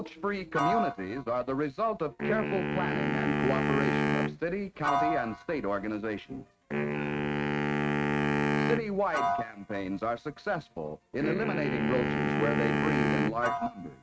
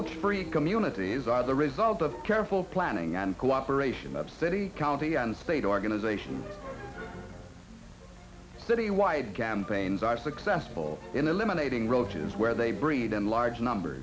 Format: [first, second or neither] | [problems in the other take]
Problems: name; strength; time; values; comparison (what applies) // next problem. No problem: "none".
second | noise reduction (neural mask model RNNoise)